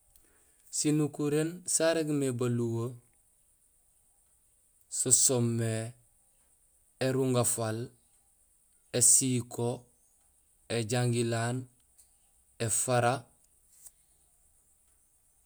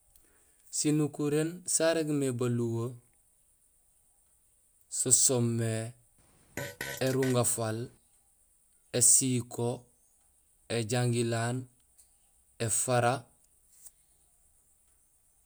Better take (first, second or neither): first